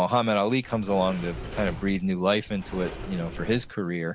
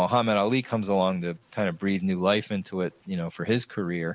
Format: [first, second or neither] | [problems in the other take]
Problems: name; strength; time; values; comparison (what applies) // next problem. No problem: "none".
second | background sound (Sliding door); 12 dB below the speech